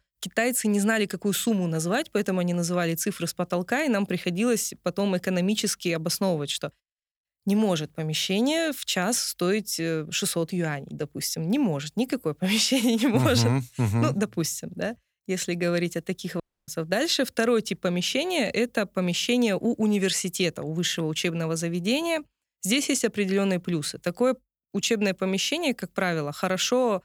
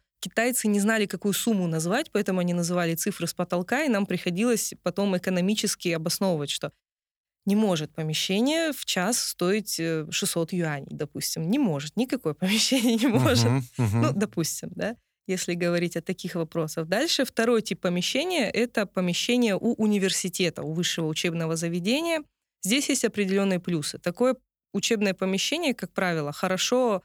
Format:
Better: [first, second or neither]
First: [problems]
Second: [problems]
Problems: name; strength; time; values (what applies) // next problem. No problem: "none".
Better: second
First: audio cutting out; at 16 s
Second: none